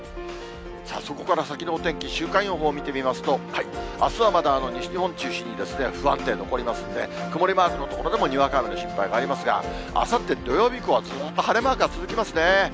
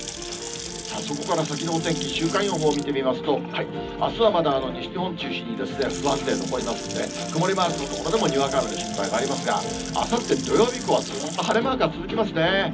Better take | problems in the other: first | background sound (Sink (filling or washing) / Water tap, faucet / Splash, splatter); 13 dB below the speech // room echo; dies away in 0.4 s

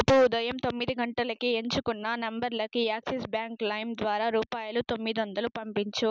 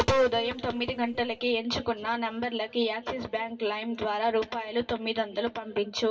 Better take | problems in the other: first | room echo; dies away in 2.5 s

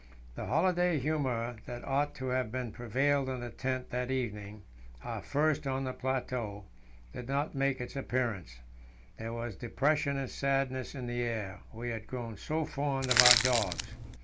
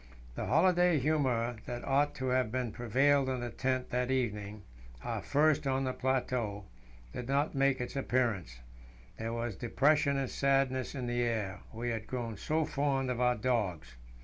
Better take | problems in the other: second | background sound (Crushing); 4 dB above the speech

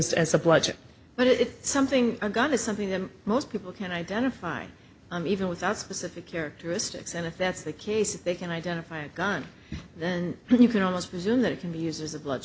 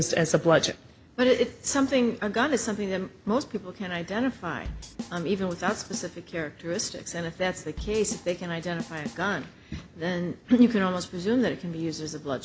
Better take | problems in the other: first | background sound (Drum / Drum kit); 14 dB below the speech

